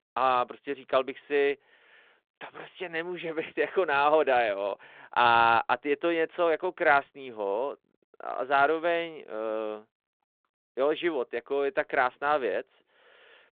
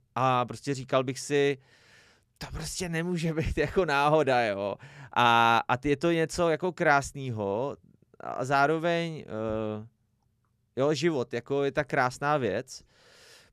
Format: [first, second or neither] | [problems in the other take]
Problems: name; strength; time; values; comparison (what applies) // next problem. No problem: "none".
second | phone-call audio; nothing above 4 kHz